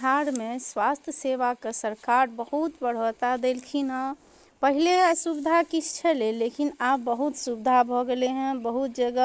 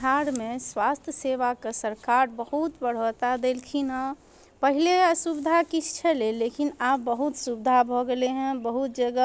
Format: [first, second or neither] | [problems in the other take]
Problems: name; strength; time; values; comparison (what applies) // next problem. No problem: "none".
second | noise reduction (neural mask model Resemble Enhance denoiser)